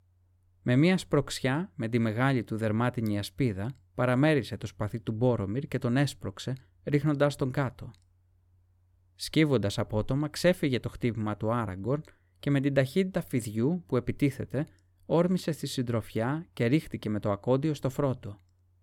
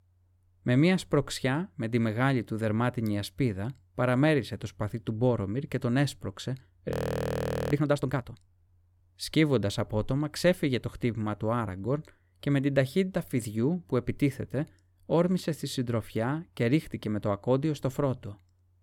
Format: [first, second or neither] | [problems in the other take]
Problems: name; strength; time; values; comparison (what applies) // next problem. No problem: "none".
first | audio freezing; at 7 s for 1 s